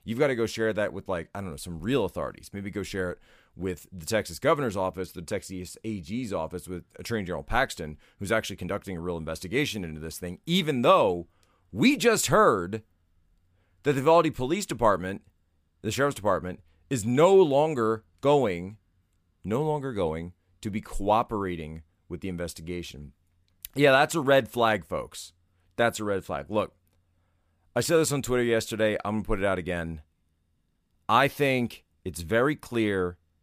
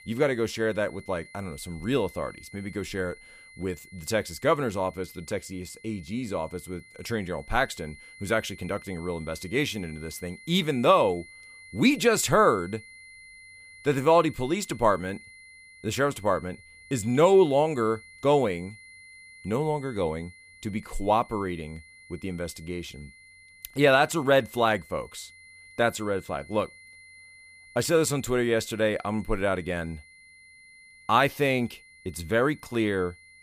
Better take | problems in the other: first | high-pitched whine; faint; throughout; 2 kHz, 20 dB below the speech

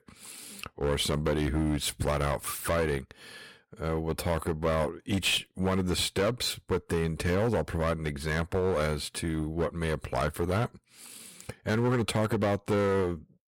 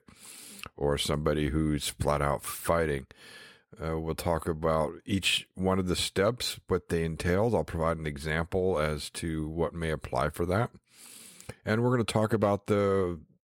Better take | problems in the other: second | distortion; slight; 9% of the sound clipped

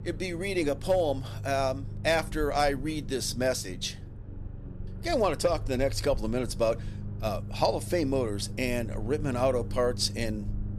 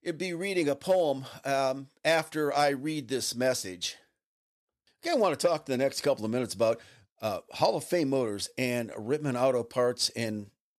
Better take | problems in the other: second | low rumble; faint; throughout; 20 dB below the speech

